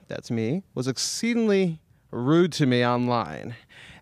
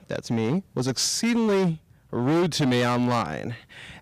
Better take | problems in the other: first | distortion; heavy; 15% of the sound clipped

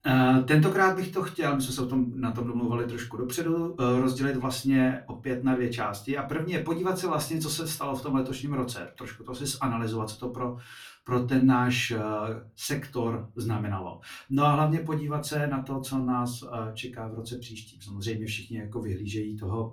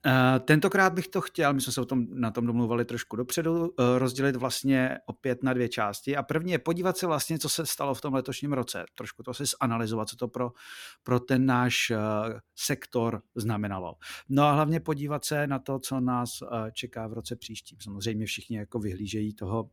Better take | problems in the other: second | off-mic speech; far // room echo; very slight; dies away in 0.3 s

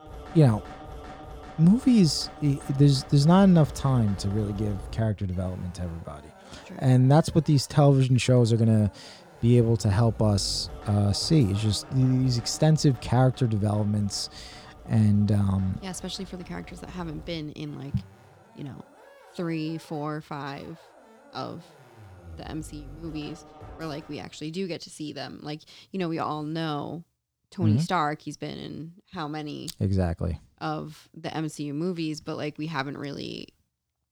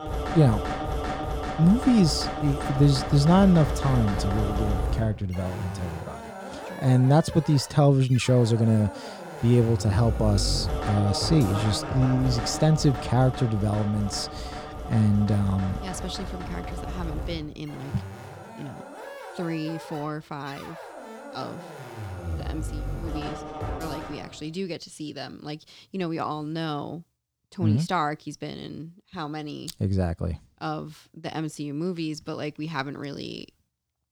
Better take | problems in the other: first | background music; loud; until 24 s; 8 dB below the speech; faint in the first

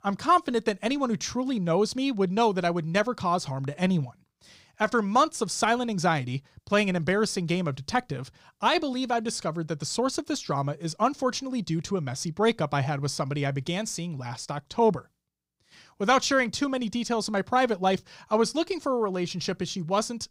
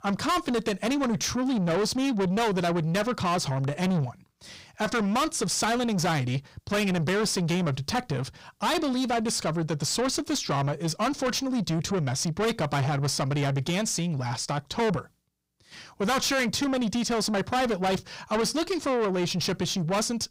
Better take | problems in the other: first | distortion; heavy; 6 dB below the speech

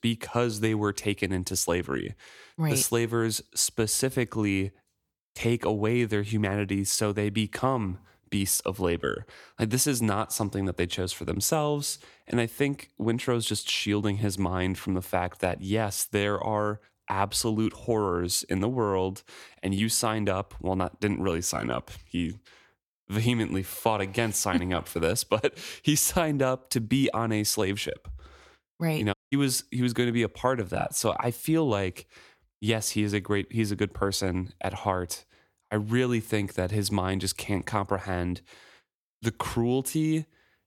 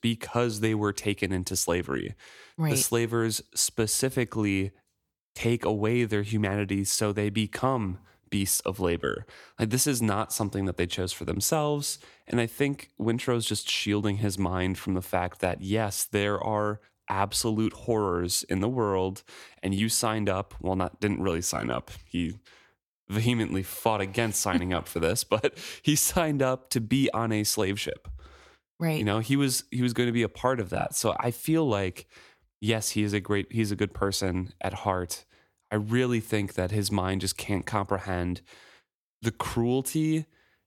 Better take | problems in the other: second | audio cutting out; at 29 s

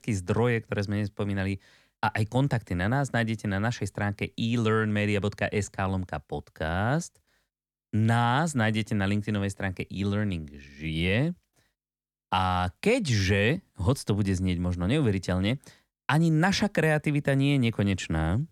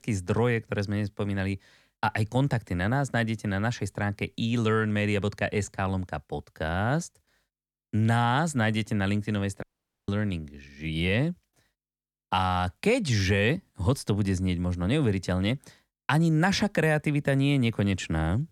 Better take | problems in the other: first | audio cutting out; at 9.5 s

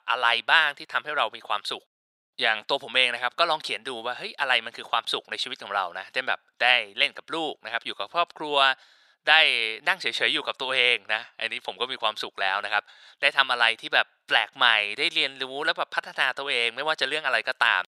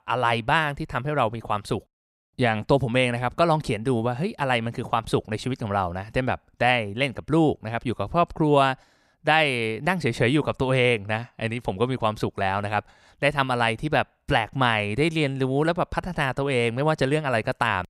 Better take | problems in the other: second | thin; very; fading below 650 Hz

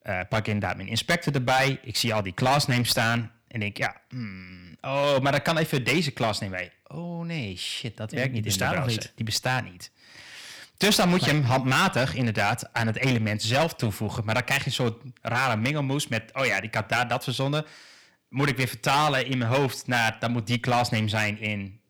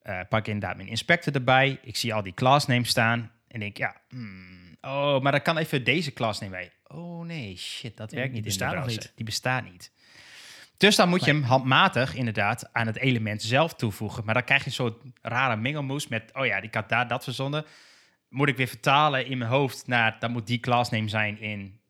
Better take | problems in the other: second | distortion; heavy; 8% of the sound clipped

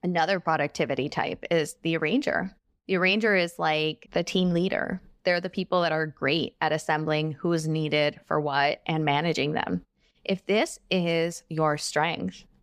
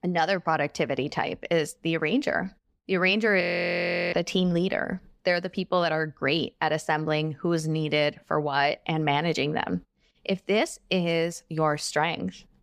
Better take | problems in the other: first | audio freezing; at 3.5 s for 0.5 s

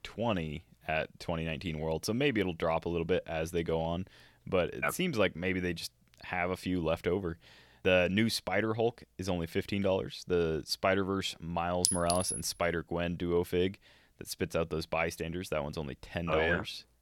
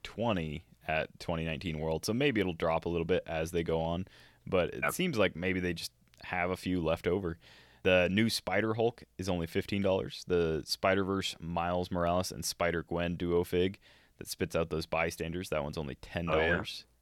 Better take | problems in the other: second | clattering dishes; loud; at 12 s; peak 3 dB above the speech

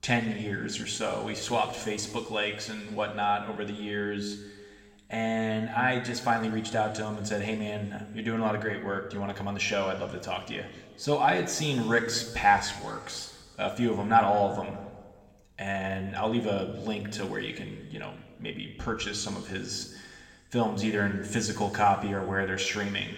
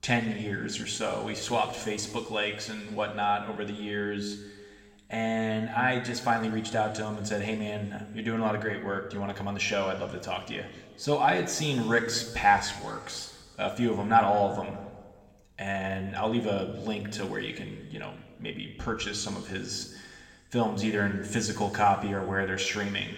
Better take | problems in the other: neither | room echo; slight; dies away in 1.5 s; the same in both // off-mic speech; somewhat distant; the same in both

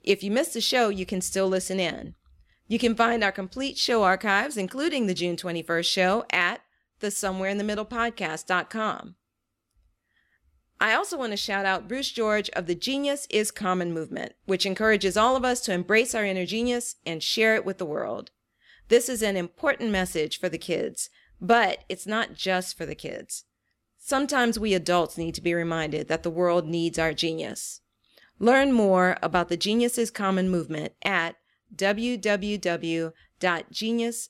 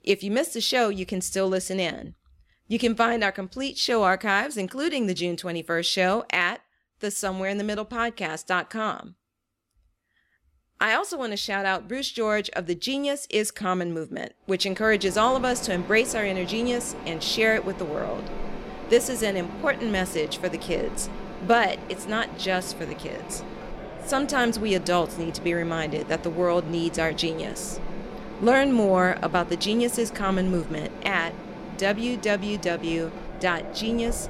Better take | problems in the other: first | machinery noise; noticeable; from 15 s on; 15 dB below the speech

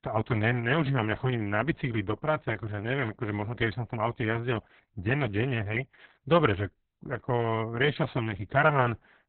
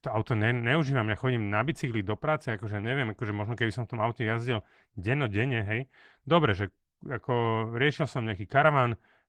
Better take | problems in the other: second | garbled, watery; badly; slightly in the second

